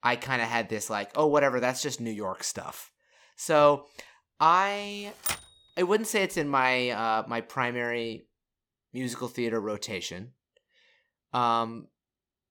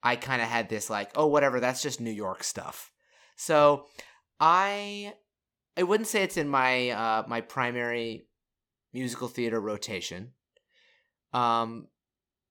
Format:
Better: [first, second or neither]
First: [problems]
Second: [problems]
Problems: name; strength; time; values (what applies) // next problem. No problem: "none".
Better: second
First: keyboard typing; noticeable; at 5.5 s; peak 4 dB below the speech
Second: none